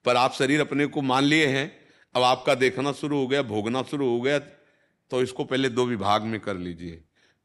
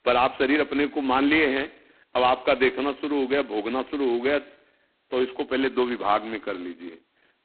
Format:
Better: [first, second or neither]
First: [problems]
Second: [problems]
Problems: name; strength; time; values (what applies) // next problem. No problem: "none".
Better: first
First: none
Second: phone-call audio; poor line; nothing above 4 kHz